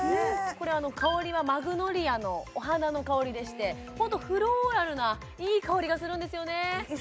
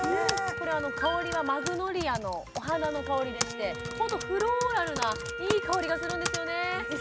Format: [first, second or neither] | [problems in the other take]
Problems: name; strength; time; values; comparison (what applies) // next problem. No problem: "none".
first | background sound (Typing + Wind instrument, woodwind instrument); 5 dB below the speech